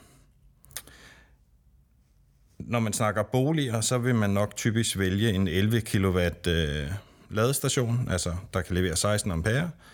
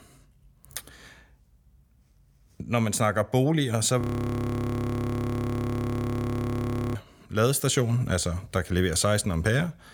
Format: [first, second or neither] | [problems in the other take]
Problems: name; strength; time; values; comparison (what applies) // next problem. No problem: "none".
first | audio freezing; at 4 s for 3 s